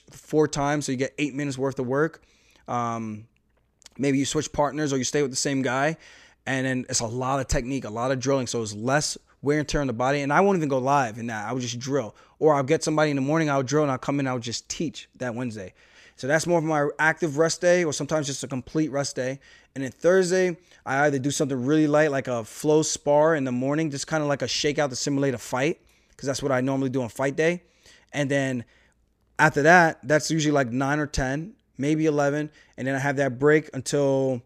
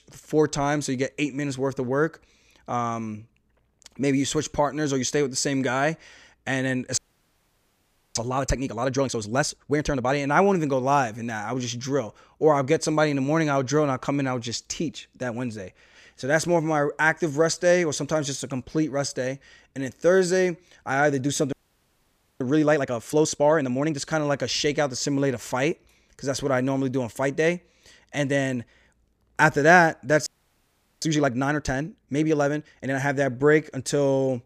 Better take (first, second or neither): first